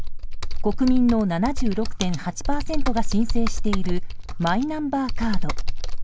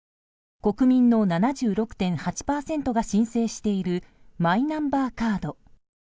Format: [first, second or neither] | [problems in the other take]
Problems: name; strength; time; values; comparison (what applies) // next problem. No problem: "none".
second | background sound (Computer keyboard); 4 dB above the speech